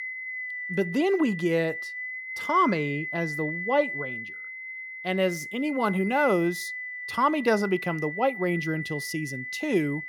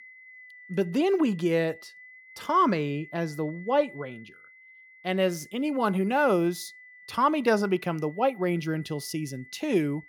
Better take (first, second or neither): second